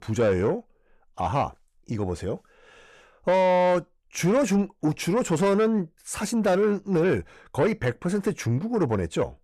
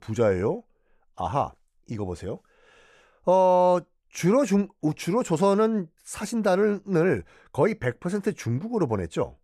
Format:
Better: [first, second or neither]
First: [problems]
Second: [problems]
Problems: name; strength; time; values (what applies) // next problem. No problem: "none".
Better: second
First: distortion; slight; 10 dB below the speech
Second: none